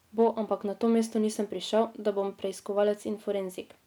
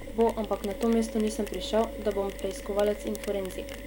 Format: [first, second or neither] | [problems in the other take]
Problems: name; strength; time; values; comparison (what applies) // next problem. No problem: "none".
first | background sound (Mechanisms); 10 dB below the speech